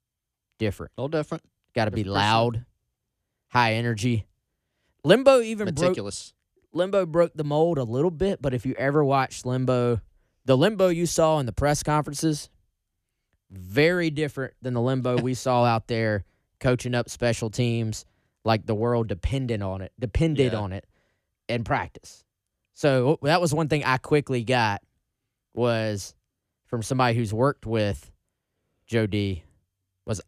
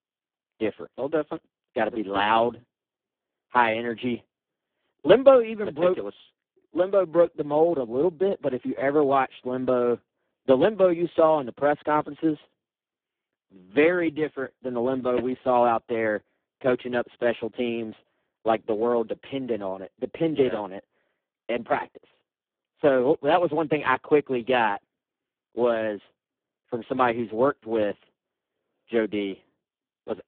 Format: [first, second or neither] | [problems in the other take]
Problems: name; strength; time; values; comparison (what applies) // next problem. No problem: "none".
first | phone-call audio; poor line